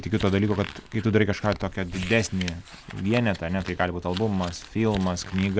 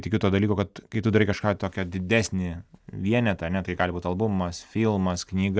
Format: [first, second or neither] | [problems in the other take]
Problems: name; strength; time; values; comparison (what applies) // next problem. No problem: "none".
second | background sound (Crumpling, crinkling); 15 dB below the speech